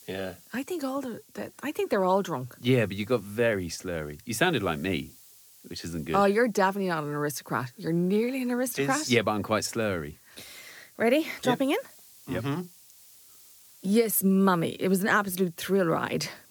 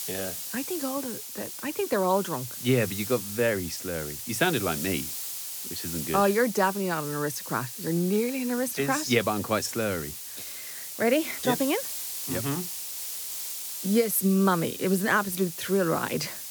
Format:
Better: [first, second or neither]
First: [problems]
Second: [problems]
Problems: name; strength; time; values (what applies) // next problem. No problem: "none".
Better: first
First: hiss; faint; throughout; 25 dB below the speech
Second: hiss; loud; throughout; 7 dB below the speech